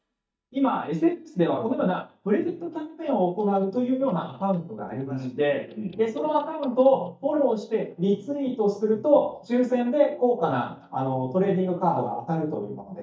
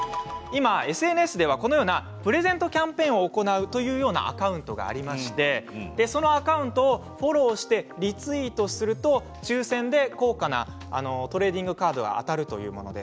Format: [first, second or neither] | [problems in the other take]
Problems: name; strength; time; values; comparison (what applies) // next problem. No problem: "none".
second | noise reduction (neural mask model DeepFilterNet 3)